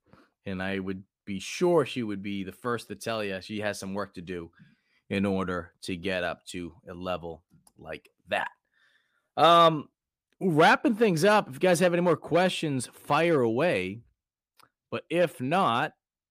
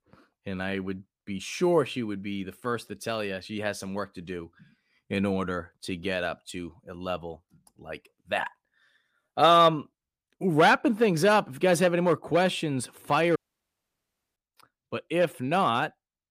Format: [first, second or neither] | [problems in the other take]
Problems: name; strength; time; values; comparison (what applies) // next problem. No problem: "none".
first | audio cutting out; at 13 s for 1 s